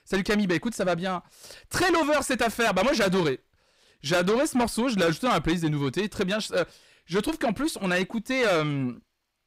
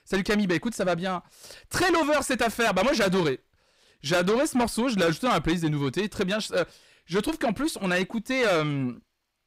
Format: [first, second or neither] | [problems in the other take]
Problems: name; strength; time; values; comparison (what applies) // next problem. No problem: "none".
neither | distortion; heavy; 6 dB below the speech; the same in both